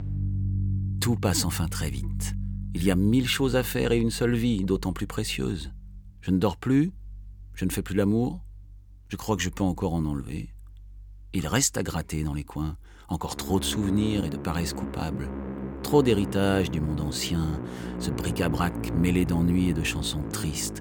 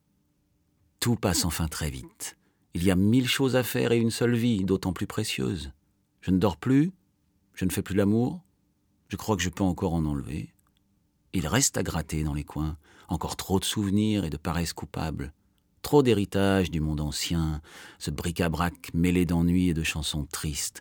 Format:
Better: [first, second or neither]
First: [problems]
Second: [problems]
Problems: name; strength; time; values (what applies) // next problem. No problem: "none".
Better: second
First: background music; loud; throughout; 8 dB below the speech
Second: none